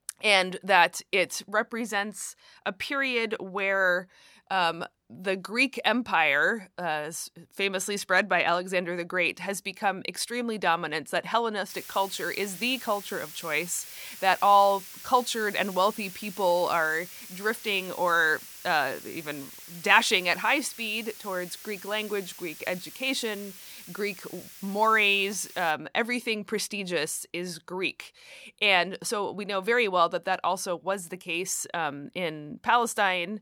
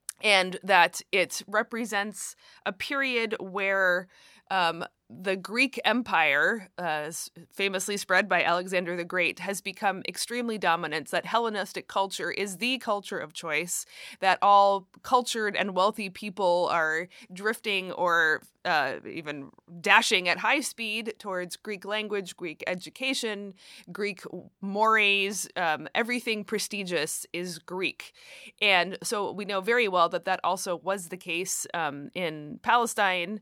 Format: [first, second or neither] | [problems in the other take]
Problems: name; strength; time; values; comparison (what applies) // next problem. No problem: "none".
second | hiss; noticeable; from 12 to 26 s; 15 dB below the speech